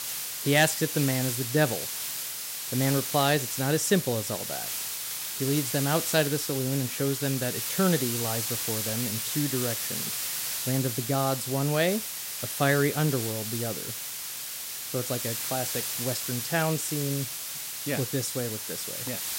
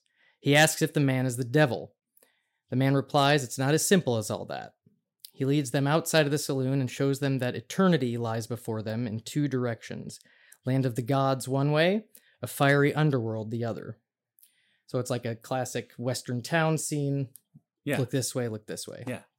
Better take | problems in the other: second | hiss; loud; throughout; 2 dB below the speech

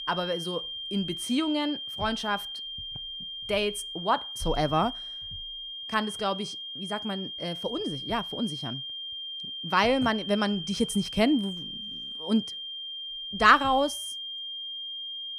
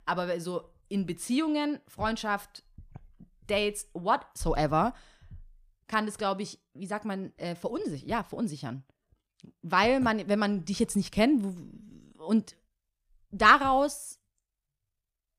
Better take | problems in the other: second | high-pitched whine; loud; throughout; 3 kHz, 7 dB below the speech

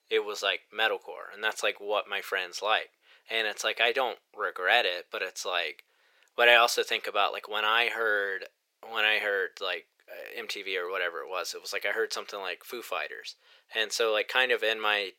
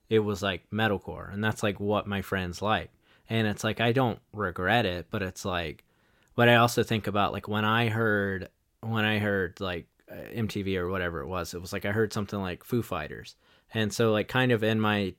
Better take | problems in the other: second | thin; very; fading below 500 Hz

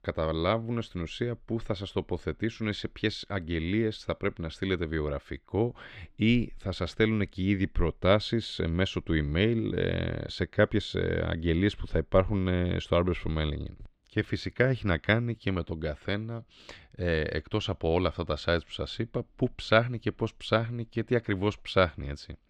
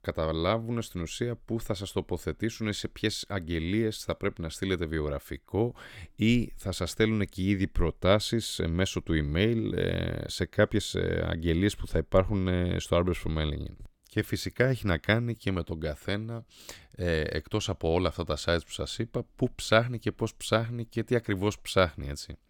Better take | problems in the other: second | muffled; very slightly; fading above 3 kHz

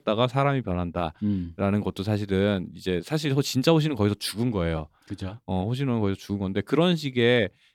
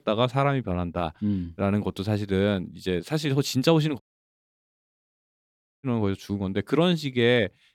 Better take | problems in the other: first | audio cutting out; at 4 s for 2 s

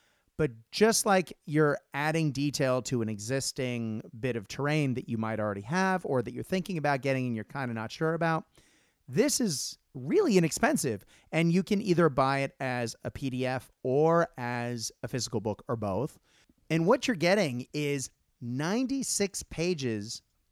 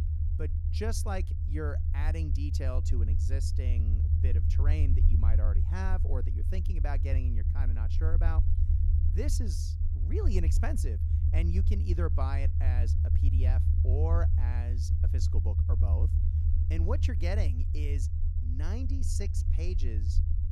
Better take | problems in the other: first | low rumble; loud; throughout; 4 dB below the speech

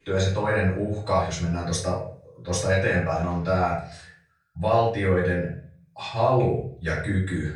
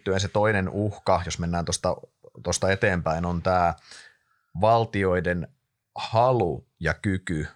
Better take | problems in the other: second | off-mic speech; far // room echo; noticeable; dies away in 0.4 s

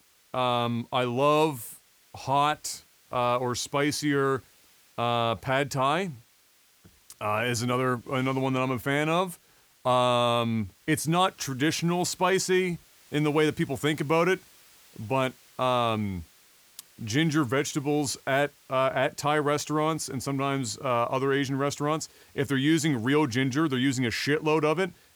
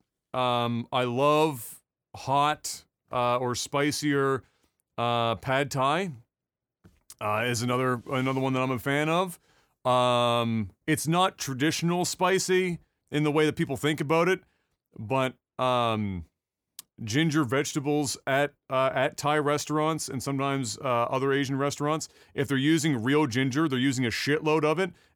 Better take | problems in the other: second | hiss; faint; throughout; 30 dB below the speech

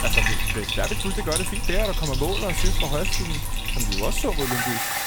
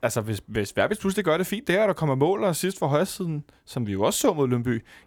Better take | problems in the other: second | household noises; very loud; throughout; 4 dB above the speech

